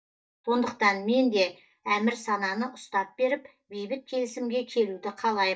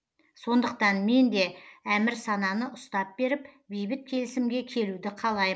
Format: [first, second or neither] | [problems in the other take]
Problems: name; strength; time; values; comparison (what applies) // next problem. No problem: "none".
second | noise reduction (neural mask model DeepFilterNet 3)